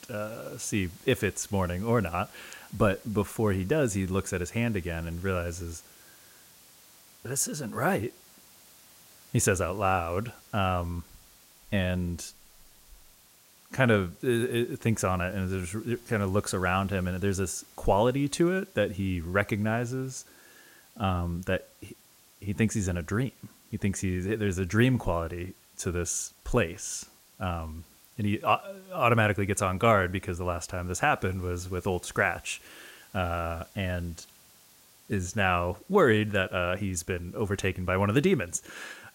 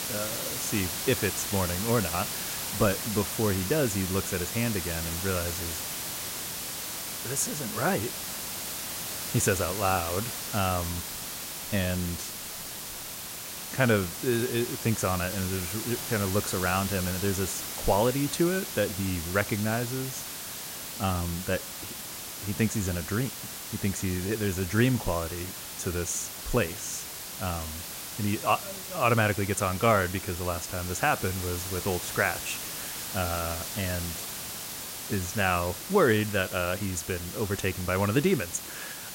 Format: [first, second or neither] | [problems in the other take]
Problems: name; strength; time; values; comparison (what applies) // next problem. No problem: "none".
first | hiss; loud; throughout; 5 dB below the speech; faint in the first